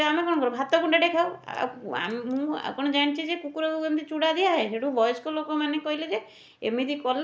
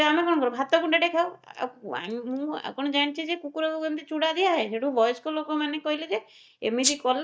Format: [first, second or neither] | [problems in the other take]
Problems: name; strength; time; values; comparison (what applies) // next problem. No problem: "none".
first | noise reduction (neural mask model DeepFilterNet 3)